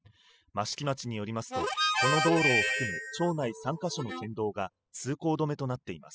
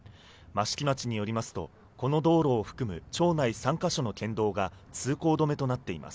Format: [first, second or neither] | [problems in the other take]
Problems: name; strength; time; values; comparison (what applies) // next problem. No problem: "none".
second | noise reduction (classical method spectral subtraction)